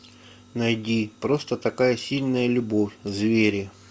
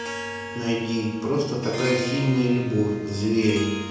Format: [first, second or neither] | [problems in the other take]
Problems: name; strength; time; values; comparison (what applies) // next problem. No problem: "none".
first | background sound (Harp); 10 dB below the speech // room echo; dies away in 0.8 s